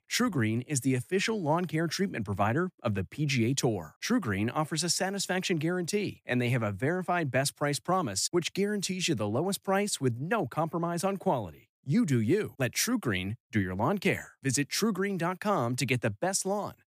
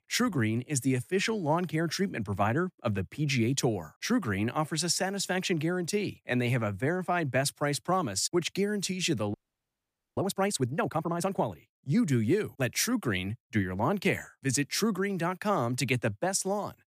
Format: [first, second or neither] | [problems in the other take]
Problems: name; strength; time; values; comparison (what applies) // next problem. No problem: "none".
first | audio freezing; at 9.5 s for 1 s